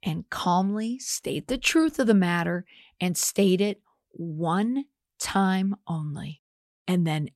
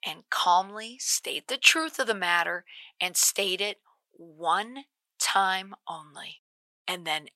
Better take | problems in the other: first | thin; very; fading below 900 Hz

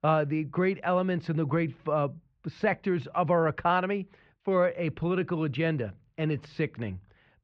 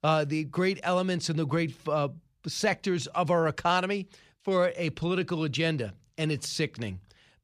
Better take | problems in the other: second | muffled; very; fading above 2 kHz

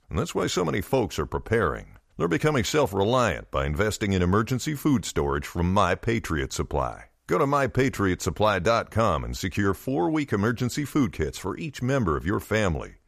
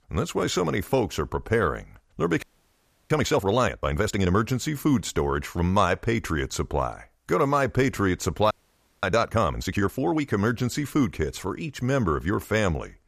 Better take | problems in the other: first | audio freezing; at 2.5 s for 0.5 s and at 8.5 s for 0.5 s

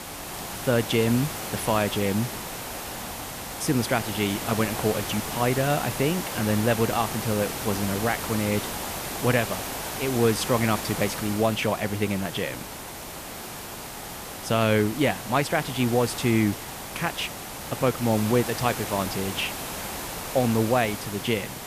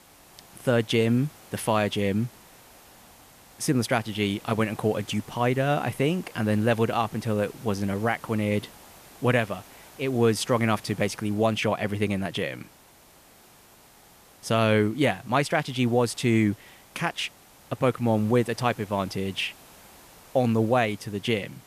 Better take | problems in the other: second | hiss; loud; throughout; 6 dB below the speech; faint in the second

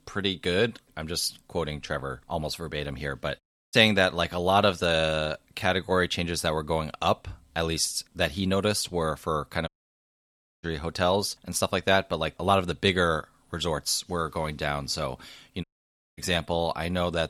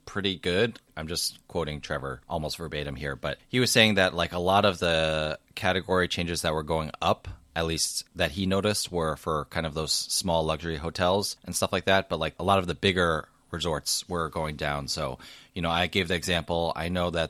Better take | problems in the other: second | audio cutting out; at 3.5 s, at 9.5 s for 1 s and at 16 s for 0.5 s

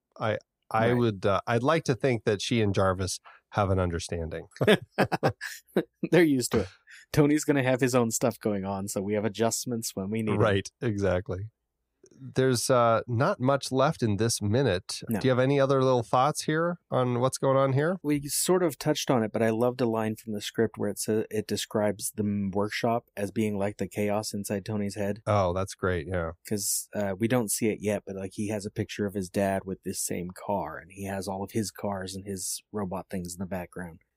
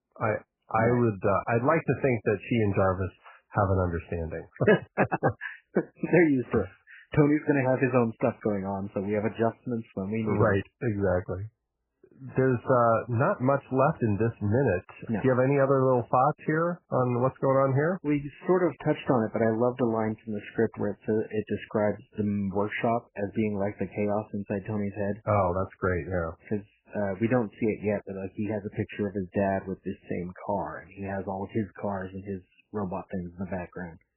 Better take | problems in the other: first | garbled, watery; badly; nothing above 3 kHz

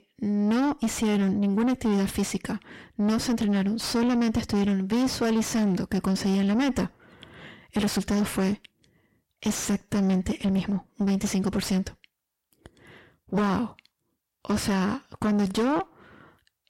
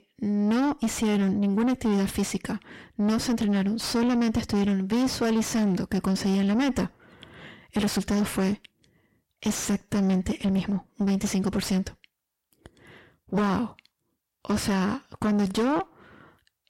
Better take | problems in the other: neither | distortion; heavy; 7 dB below the speech; the same in both

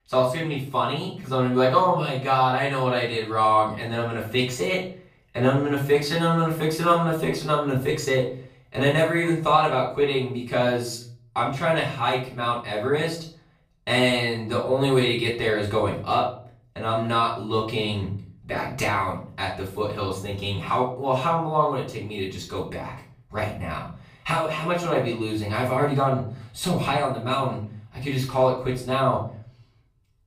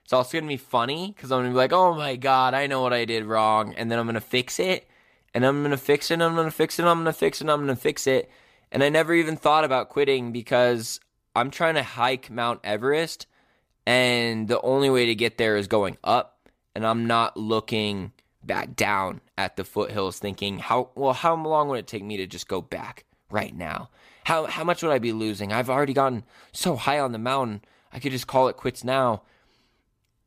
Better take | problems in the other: second | off-mic speech; far // room echo; slight; dies away in 0.6 s

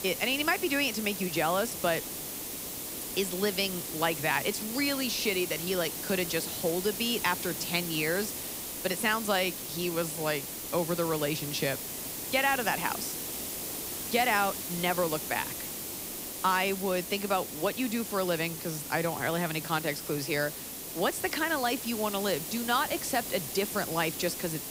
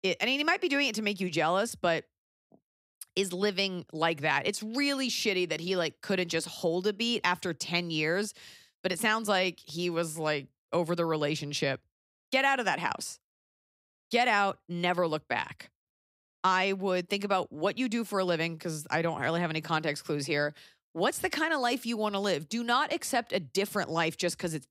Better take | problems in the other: second | hiss; loud; throughout; 5 dB below the speech

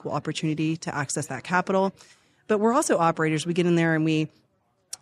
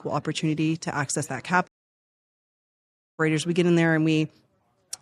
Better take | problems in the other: first | audio cutting out; at 1.5 s for 1.5 s

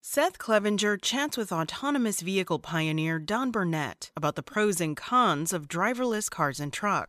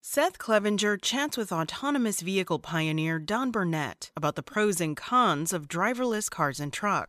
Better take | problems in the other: neither | none

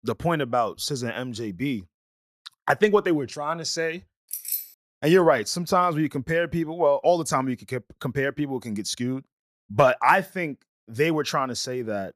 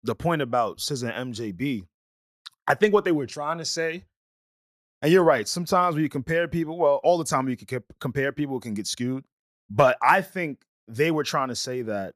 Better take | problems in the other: second | jangling keys; noticeable; at 4.5 s; peak 4 dB below the speech

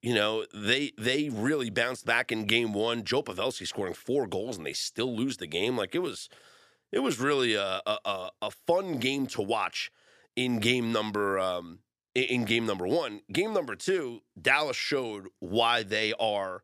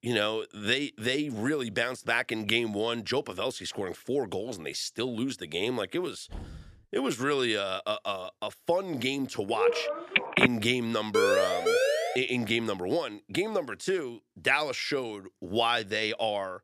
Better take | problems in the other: first | door banging; faint; at 6.5 s; peak 15 dB below the speech // phone ringing; loud; at 9.5 s; peak 6 dB above the speech // siren; loud; from 11 to 12 s; peak 5 dB above the speech

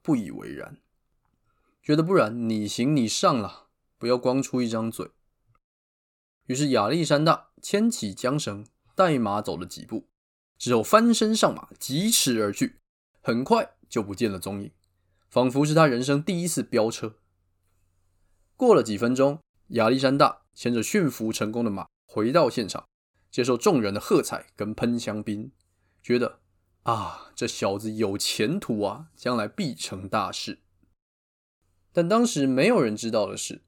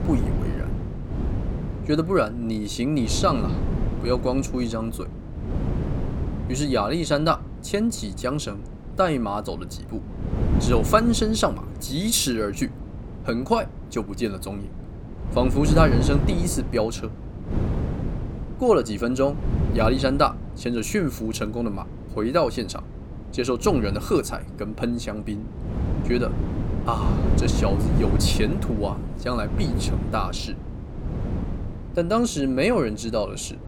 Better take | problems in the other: first | wind noise on the microphone; occasional gusts; 10 dB below the speech

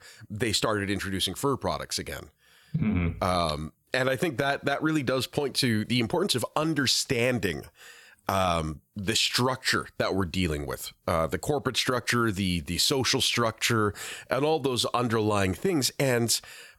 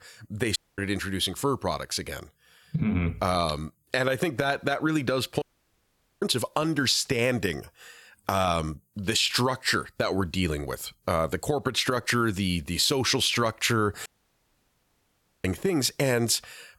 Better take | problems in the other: first | audio cutting out; at 0.5 s, at 5.5 s for 1 s and at 14 s for 1.5 s

